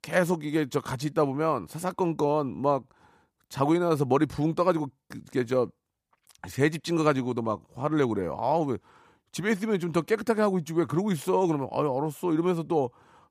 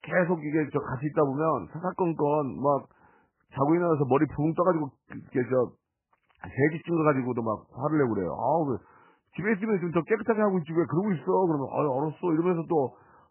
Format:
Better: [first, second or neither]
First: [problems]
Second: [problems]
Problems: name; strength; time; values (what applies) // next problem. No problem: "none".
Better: first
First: none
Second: garbled, watery; badly; nothing above 2.5 kHz